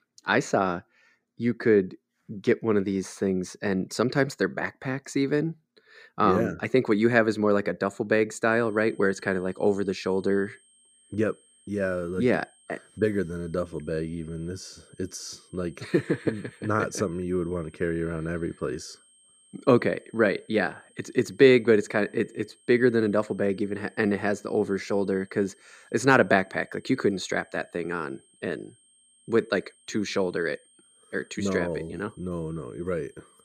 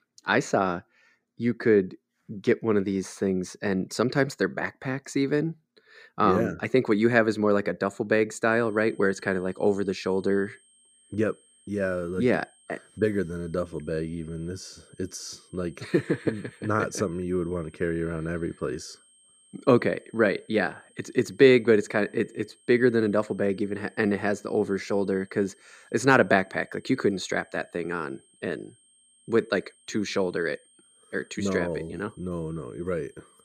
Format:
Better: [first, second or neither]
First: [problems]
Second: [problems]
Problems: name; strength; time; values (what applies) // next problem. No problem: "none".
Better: neither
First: high-pitched whine; faint; from 8.5 s on; 8.5 kHz, 30 dB below the speech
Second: high-pitched whine; faint; from 8.5 s on; 8.5 kHz, 30 dB below the speech